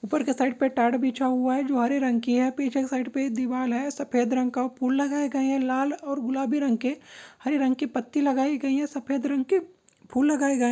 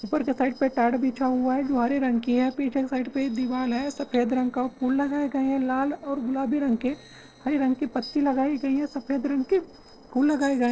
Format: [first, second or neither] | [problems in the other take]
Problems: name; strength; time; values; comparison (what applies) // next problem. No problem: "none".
first | noise reduction (neural separator model SepFormer DNS4)